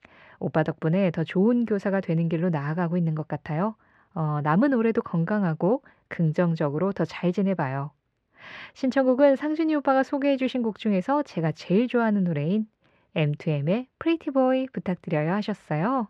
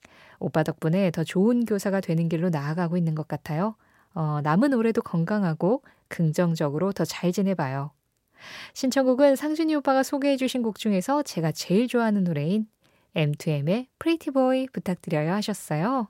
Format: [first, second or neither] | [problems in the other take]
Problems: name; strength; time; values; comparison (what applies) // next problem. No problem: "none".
second | muffled; slightly; fading above 2.5 kHz